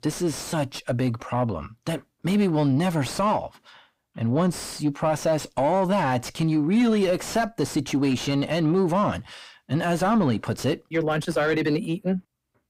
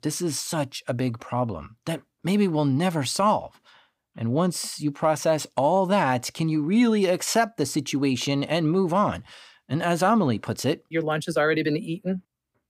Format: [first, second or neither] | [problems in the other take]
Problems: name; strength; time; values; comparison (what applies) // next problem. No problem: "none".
second | distortion; slight; 10 dB below the speech